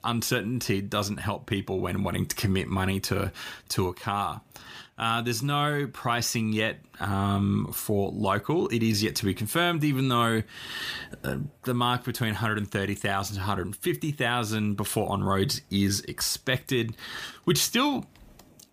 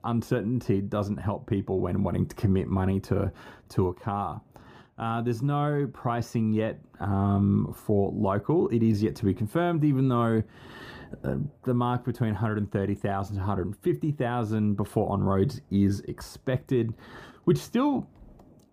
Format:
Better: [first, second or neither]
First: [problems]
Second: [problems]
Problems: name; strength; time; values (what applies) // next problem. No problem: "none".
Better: first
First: none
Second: muffled; very; fading above 1.5 kHz